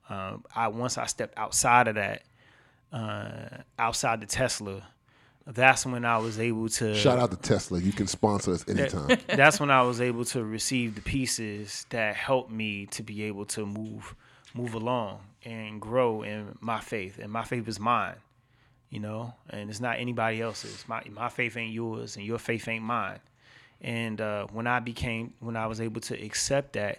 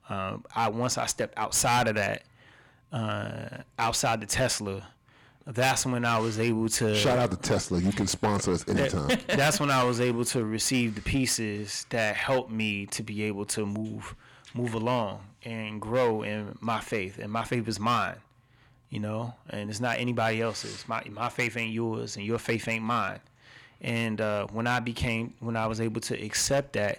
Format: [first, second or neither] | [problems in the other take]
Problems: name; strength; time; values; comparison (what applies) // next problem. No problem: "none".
first | distortion; heavy; 6% of the sound clipped